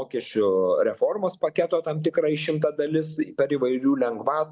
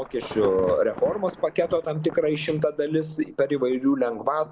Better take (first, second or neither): first